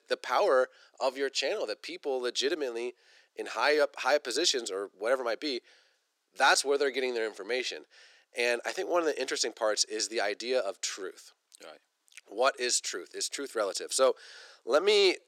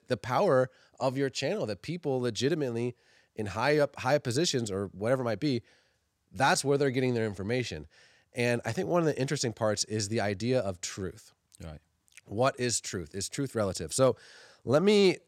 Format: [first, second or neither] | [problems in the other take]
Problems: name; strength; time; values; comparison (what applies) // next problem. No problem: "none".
second | thin; very; fading below 350 Hz